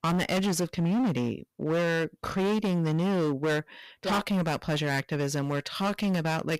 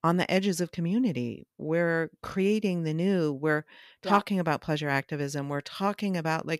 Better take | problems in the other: second | distortion; heavy; 24% of the sound clipped

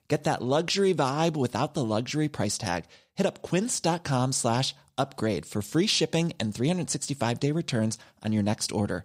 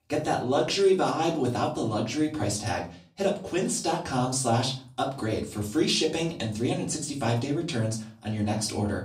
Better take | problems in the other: first | room echo; slight; dies away in 0.3 s // off-mic speech; far

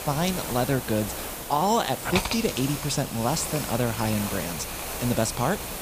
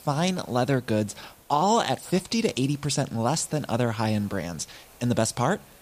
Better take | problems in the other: second | hiss; loud; throughout; 5 dB below the speech; faint in the second

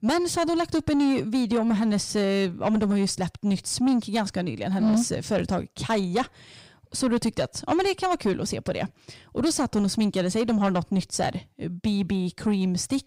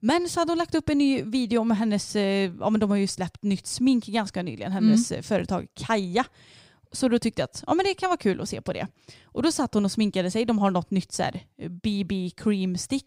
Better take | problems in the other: second | distortion; slight; 10 dB below the speech

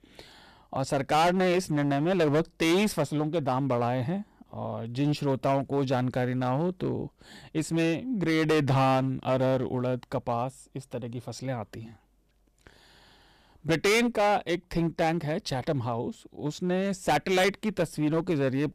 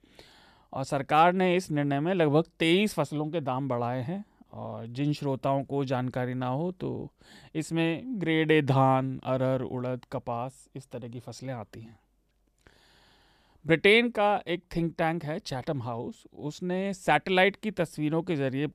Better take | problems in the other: second | distortion; heavy; 8% of the sound clipped

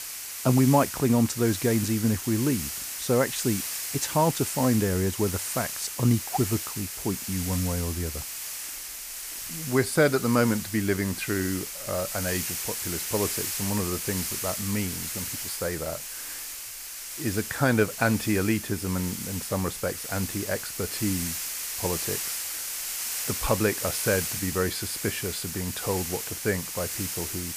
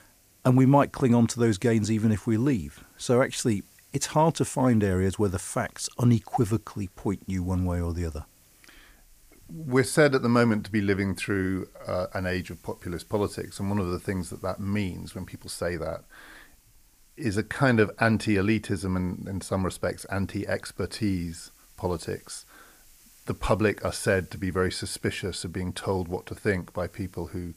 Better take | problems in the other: second | hiss; loud; throughout; 4 dB below the speech; faint in the second

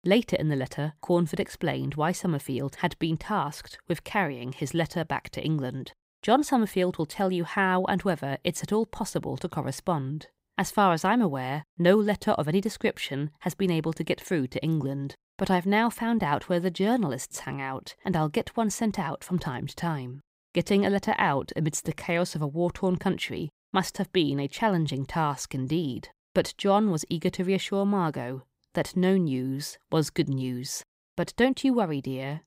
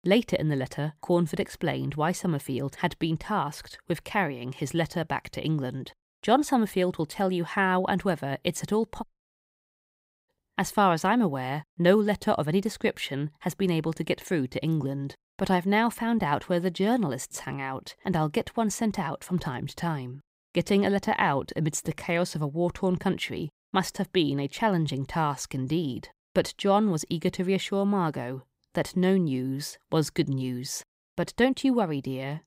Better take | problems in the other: first | audio cutting out; at 9 s for 1 s

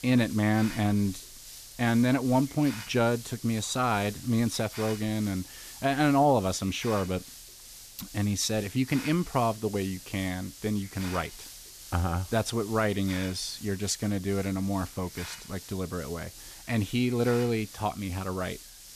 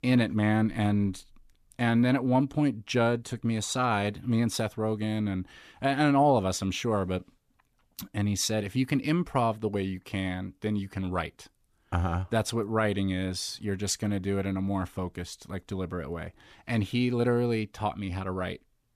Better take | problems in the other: second | hiss; noticeable; throughout; 15 dB below the speech

